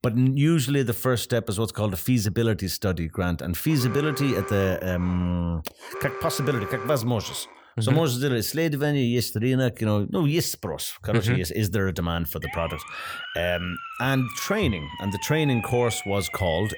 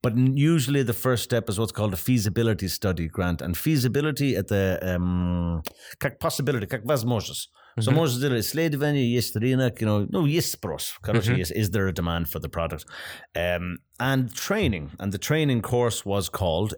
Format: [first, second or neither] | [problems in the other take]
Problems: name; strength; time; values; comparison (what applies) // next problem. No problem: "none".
second | alarm; noticeable; from 3.5 to 7.5 s; peak 8 dB below the speech // siren; noticeable; from 12 s on; peak 8 dB below the speech